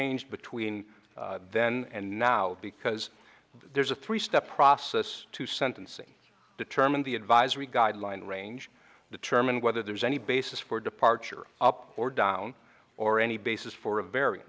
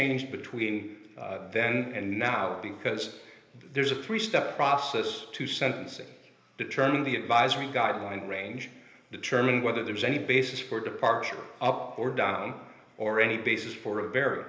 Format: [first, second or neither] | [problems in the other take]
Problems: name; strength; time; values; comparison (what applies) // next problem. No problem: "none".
first | room echo; dies away in 0.8 s